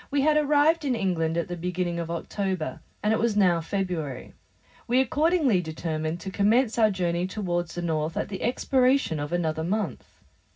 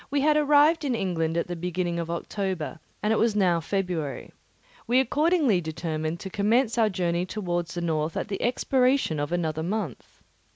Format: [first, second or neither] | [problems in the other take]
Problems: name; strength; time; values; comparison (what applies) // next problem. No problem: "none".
second | room echo; dies away in 0.4 s